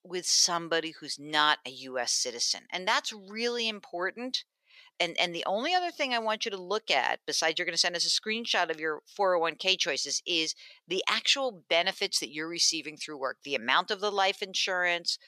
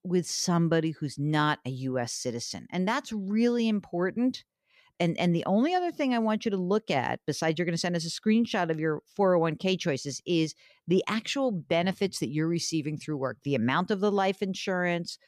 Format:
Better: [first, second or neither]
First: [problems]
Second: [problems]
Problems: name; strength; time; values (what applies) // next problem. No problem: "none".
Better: second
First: thin; very; fading below 600 Hz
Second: none